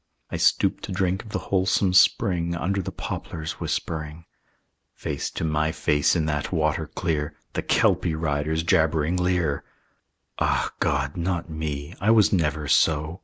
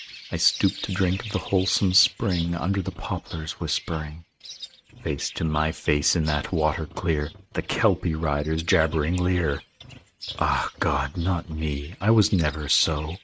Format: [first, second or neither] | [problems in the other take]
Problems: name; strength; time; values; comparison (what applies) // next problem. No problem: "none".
first | noise reduction (neural mask model RNNoise)